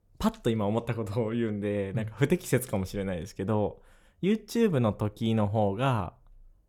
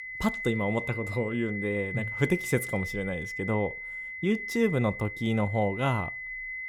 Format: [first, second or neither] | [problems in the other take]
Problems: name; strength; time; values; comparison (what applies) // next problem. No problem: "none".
first | high-pitched whine; loud; throughout; 2 kHz, 5 dB below the speech